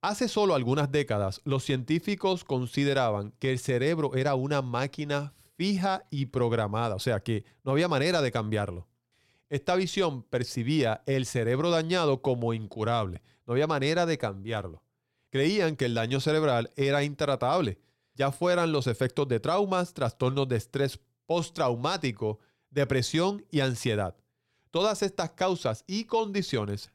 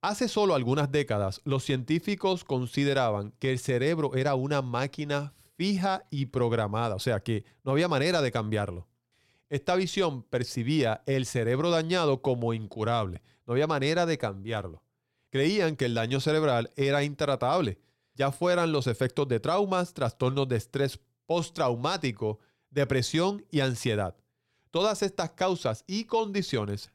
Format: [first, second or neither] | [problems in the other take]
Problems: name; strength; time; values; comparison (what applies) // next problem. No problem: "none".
neither | none